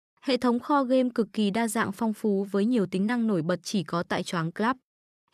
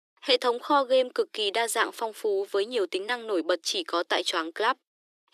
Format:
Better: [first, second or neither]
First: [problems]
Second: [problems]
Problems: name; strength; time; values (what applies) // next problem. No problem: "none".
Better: first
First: none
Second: thin; very; fading below 300 Hz